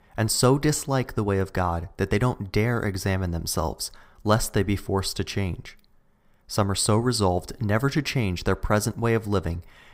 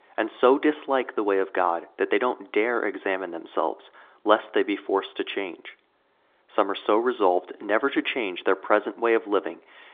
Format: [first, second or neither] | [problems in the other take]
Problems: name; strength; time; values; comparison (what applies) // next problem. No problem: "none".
first | phone-call audio